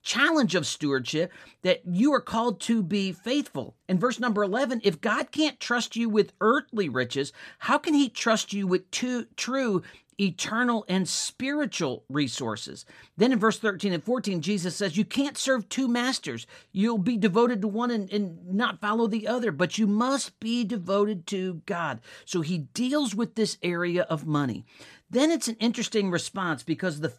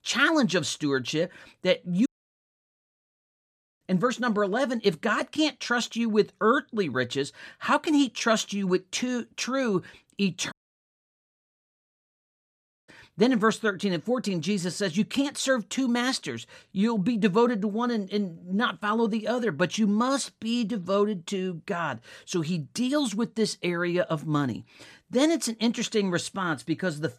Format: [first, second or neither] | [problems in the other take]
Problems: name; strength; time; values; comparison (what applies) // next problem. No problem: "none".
first | audio cutting out; at 2 s for 2 s and at 11 s for 2.5 s